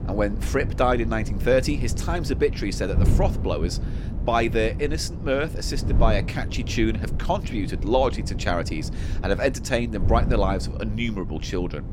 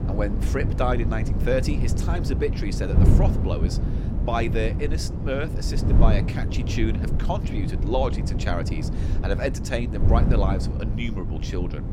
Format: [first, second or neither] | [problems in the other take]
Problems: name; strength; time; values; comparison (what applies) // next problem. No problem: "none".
first | wind noise on the microphone; heavy; 6 dB below the speech; occasional gusts in the first